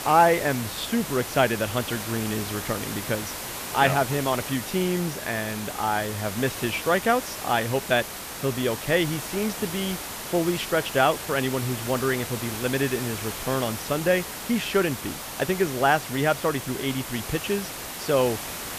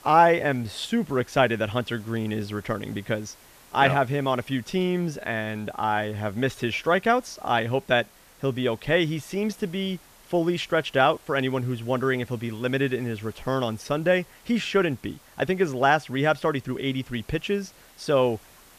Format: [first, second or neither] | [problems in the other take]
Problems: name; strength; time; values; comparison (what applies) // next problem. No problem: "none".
second | hiss; loud; throughout; 7 dB below the speech; faint in the second